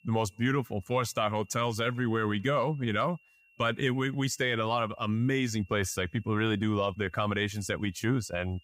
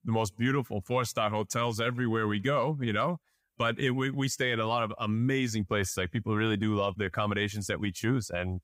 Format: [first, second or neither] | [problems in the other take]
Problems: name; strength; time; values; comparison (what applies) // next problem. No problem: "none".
second | high-pitched whine; faint; throughout; 2.5 kHz, 30 dB below the speech